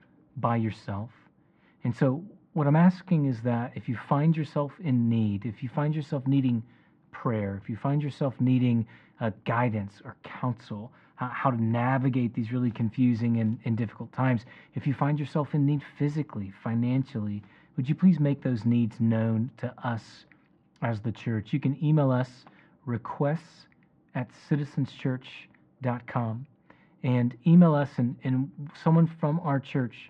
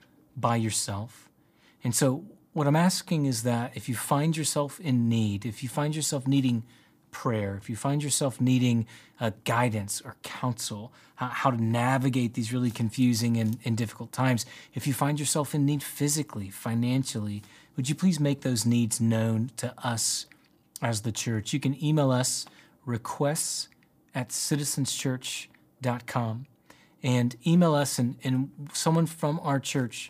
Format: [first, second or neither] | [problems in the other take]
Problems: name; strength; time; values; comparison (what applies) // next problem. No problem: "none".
second | muffled; very; fading above 2.5 kHz